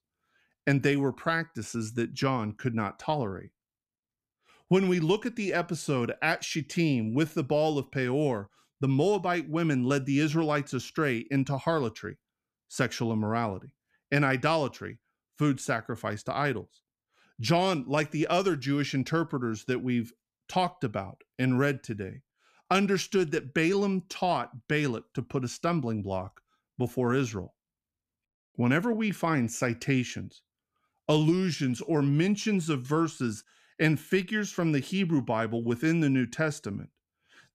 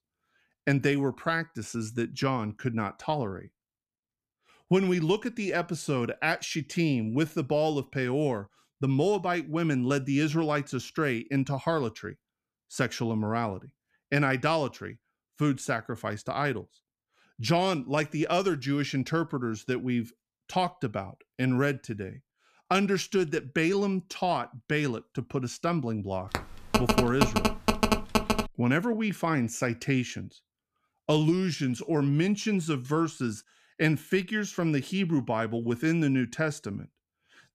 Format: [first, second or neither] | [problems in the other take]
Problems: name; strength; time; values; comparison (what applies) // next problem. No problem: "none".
first | phone ringing; loud; from 26 to 28 s; peak 3 dB above the speech